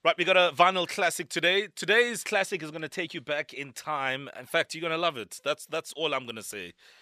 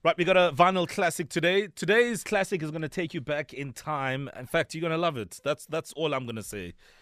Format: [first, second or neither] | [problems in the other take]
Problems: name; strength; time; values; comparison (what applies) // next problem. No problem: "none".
second | thin; very slightly; fading below 500 Hz